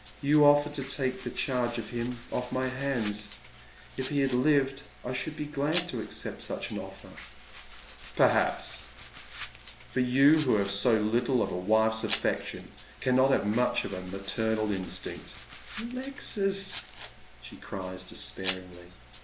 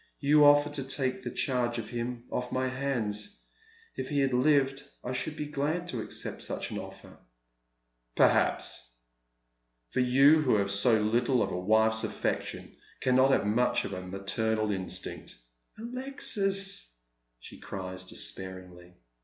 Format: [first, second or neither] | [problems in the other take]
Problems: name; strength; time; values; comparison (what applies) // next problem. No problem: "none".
second | background sound (Domestic sounds, home sounds); 15 dB below the speech